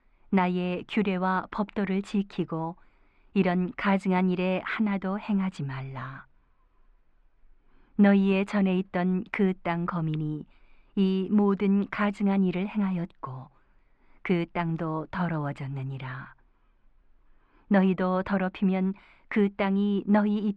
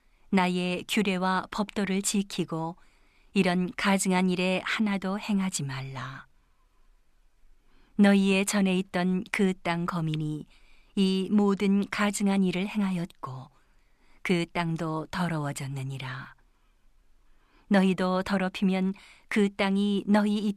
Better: second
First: muffled; very; fading above 2 kHz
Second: none

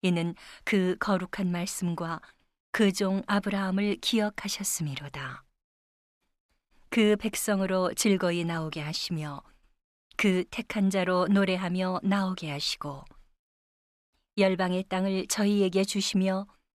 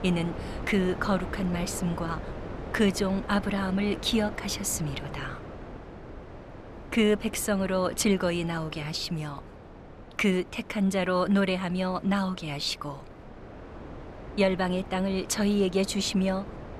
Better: first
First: none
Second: wind noise on the microphone; occasional gusts; 15 dB below the speech

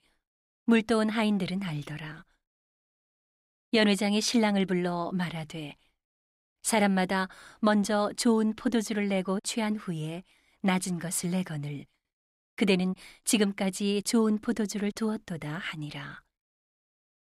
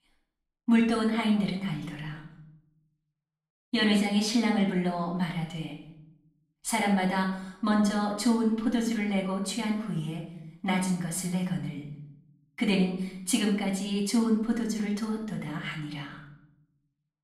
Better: first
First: none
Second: off-mic speech; far // room echo; noticeable; dies away in 0.6 s

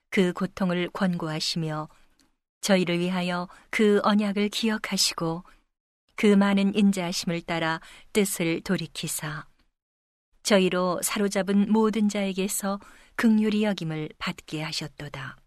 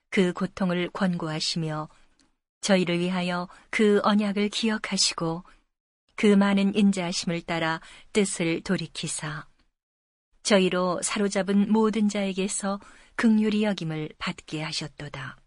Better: first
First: none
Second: garbled, watery; slightly; nothing above 10.5 kHz

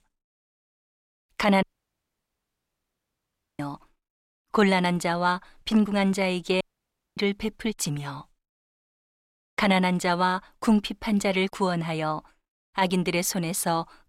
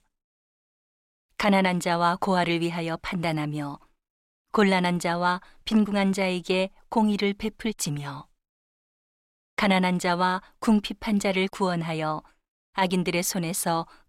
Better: second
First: audio cutting out; at 1.5 s for 2 s and at 6.5 s for 0.5 s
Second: none

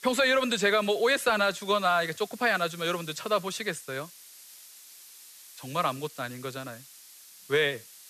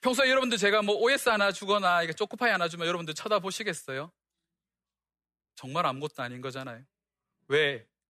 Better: second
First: hiss; faint; throughout; 20 dB below the speech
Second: none

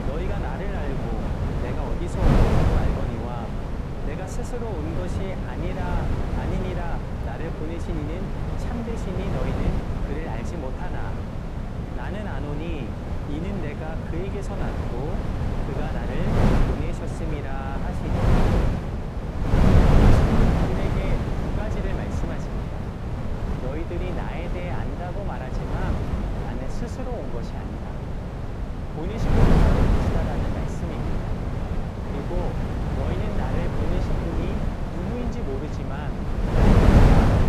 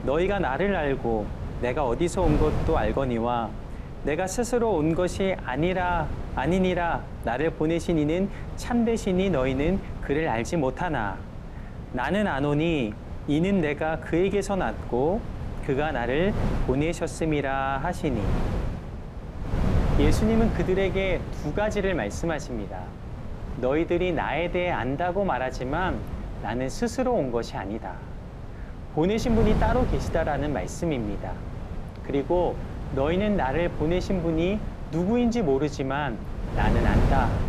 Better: second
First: wind noise on the microphone; heavy; 5 dB above the speech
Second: wind noise on the microphone; occasional gusts; 10 dB below the speech

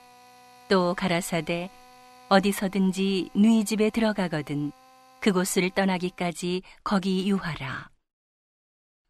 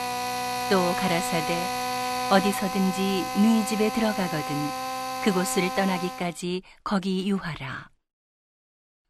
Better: first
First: machinery noise; faint; until 6 s; 25 dB below the speech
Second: machinery noise; loud; until 6 s; 3 dB below the speech

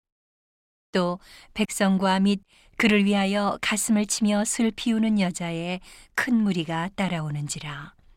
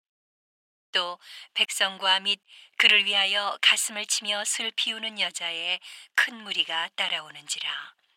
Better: first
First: none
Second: thin; very; fading below 850 Hz

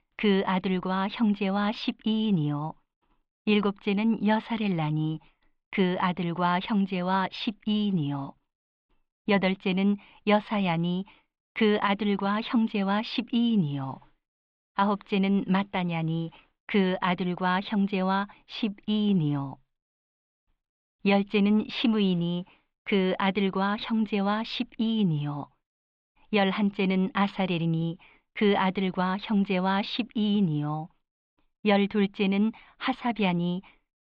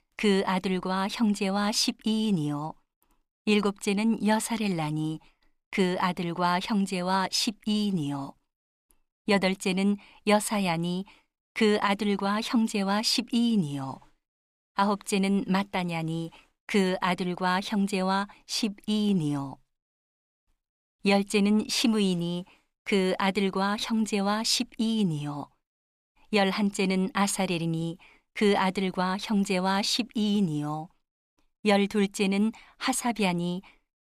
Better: second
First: muffled; very; fading above 3.5 kHz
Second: none

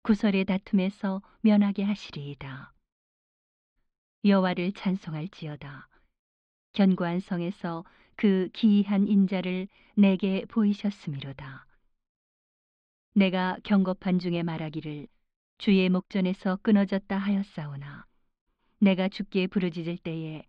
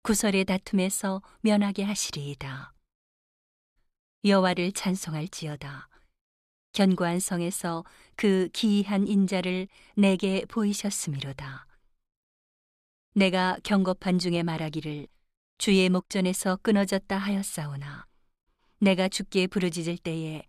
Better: second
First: muffled; slightly; fading above 3.5 kHz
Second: none

